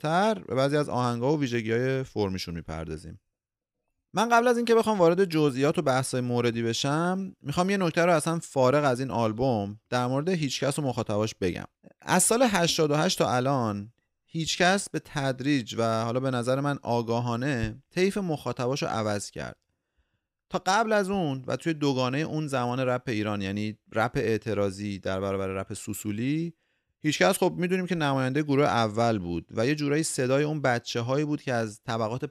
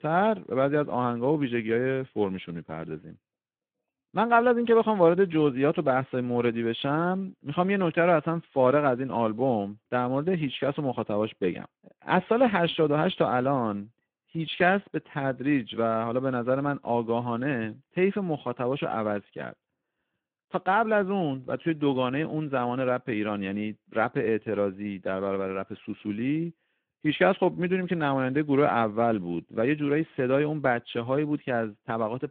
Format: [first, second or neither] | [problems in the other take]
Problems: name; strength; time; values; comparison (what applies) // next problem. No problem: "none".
first | phone-call audio